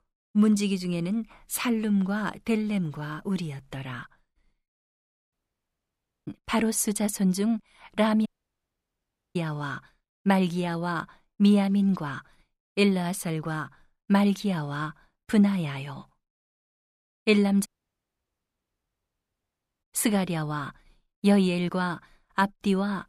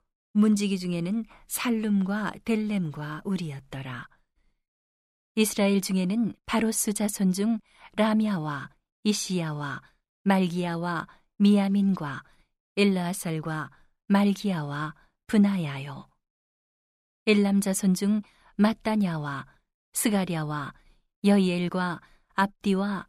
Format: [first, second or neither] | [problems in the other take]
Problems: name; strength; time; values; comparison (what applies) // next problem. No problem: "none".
second | audio cutting out; at 5.5 s for 1 s, at 8.5 s for 1 s and at 18 s for 2 s